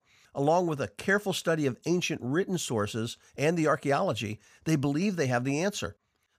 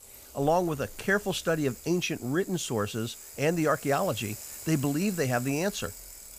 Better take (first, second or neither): first